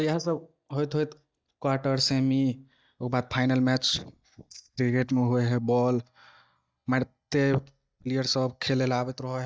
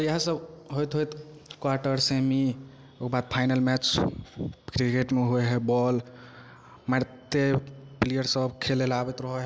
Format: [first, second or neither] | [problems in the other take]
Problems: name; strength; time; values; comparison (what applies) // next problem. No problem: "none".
second | noise reduction (neural mask model DeepFilterNet 3)